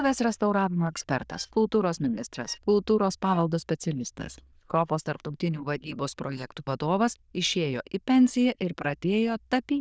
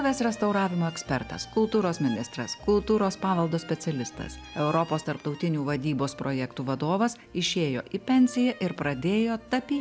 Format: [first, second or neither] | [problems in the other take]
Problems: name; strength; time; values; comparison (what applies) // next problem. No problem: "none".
second | noise reduction (neural diffusion model UNIVERSE++)